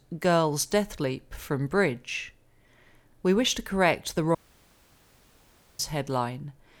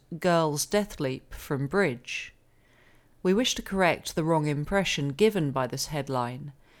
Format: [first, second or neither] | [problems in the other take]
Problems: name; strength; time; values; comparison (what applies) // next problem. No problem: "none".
second | audio cutting out; at 4.5 s for 1.5 s